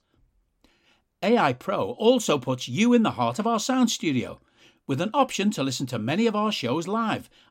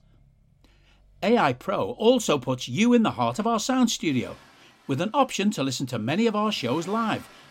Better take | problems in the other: first | traffic noise; faint; throughout; 30 dB below the speech

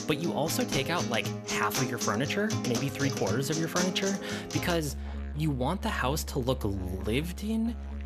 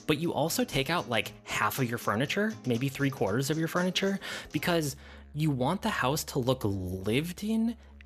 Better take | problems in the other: second | background music; loud; throughout; 4 dB below the speech; faint in the second

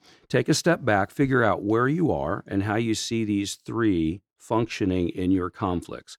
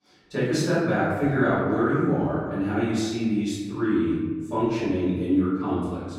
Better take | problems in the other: first | off-mic speech; far // room echo; strong; dies away in 1.4 s

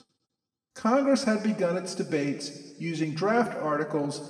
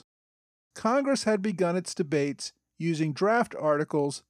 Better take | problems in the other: second | room echo; slight; dies away in 1.3 s // off-mic speech; somewhat distant

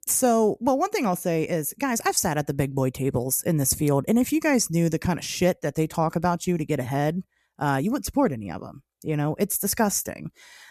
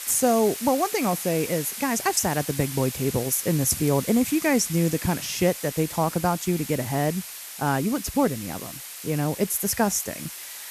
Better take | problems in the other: first | hiss; loud; throughout; 9 dB below the speech

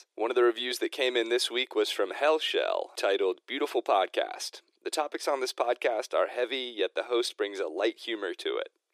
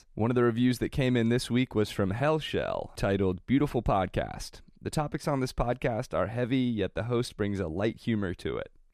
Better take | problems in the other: second | thin; very; fading below 350 Hz

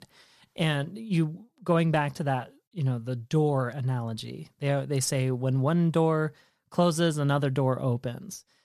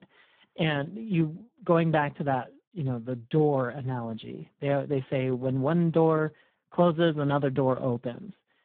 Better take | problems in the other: first | phone-call audio; poor line

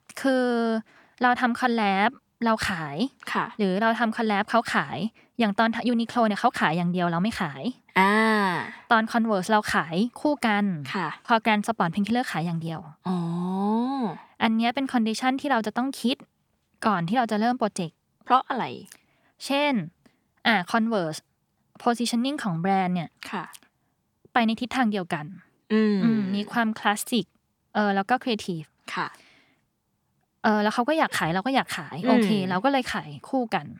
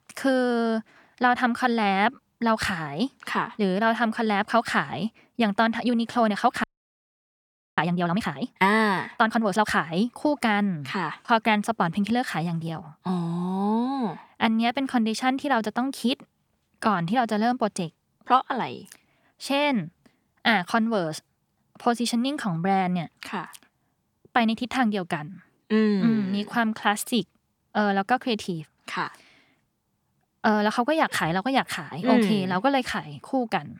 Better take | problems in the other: first | audio freezing; at 6.5 s for 1 s

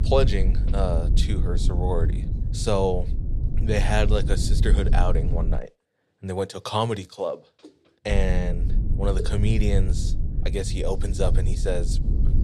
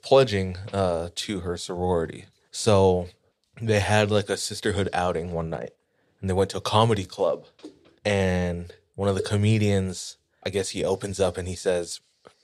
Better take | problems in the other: second | low rumble; noticeable; until 5.5 s and from 8 s on; 10 dB below the speech

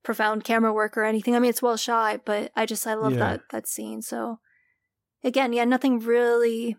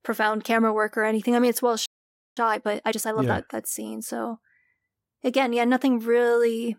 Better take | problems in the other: first | audio freezing; at 2 s for 0.5 s

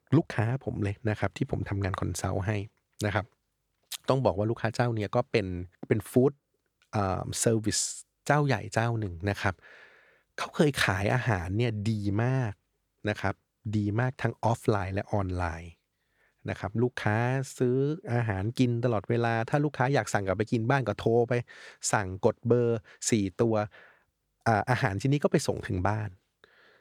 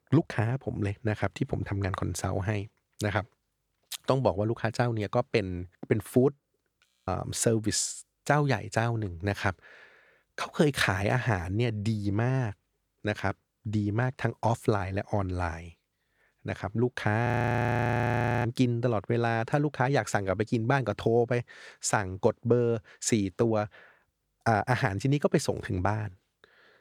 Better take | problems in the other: first | audio freezing; at 7 s and at 17 s for 1 s

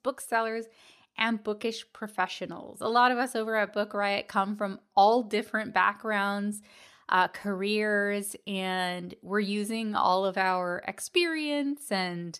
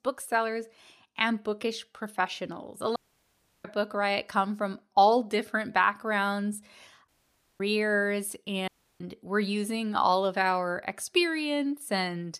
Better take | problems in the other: first | audio cutting out; at 3 s for 0.5 s, at 7 s for 0.5 s and at 8.5 s

